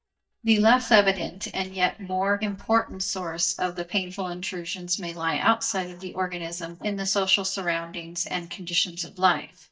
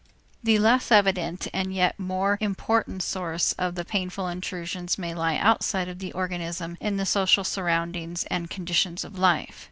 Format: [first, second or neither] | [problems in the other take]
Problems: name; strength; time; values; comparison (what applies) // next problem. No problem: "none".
second | noise reduction (neural mask model DeepFilterNet 3)